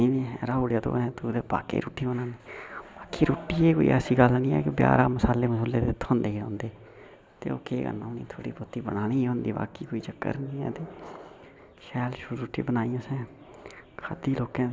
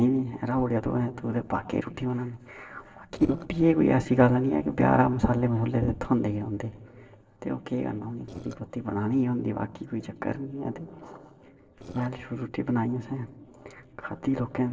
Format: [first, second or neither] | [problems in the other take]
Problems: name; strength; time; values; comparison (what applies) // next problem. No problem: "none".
first | noise reduction (neural separator model SepFormer DNS4)